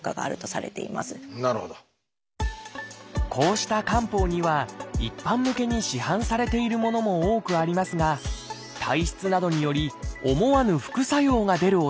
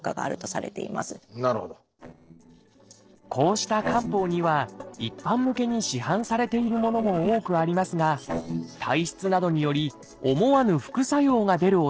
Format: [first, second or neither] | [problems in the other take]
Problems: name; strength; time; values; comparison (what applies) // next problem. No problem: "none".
first | noise reduction (neural separator model SepFormer DNS4)